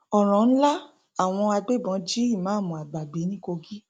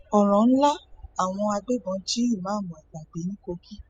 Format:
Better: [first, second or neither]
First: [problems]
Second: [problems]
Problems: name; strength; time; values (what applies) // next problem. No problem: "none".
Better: first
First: none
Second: noise reduction (classical method spectral subtraction)